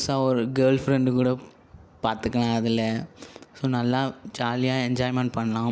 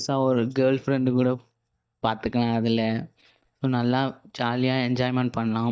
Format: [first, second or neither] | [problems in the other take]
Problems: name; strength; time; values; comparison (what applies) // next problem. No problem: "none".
first | noise reduction (neural mask model DeepFilterNet 3)